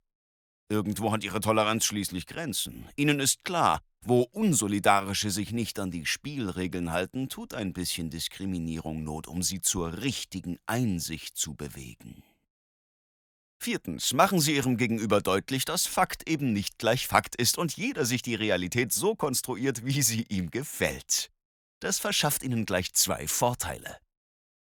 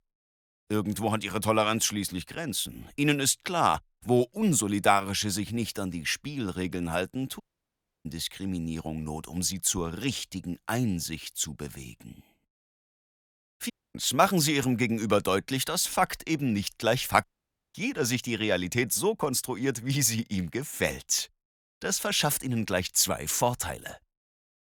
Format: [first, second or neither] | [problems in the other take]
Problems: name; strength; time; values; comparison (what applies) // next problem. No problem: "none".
first | audio cutting out; at 7.5 s for 0.5 s, at 14 s and at 17 s for 0.5 s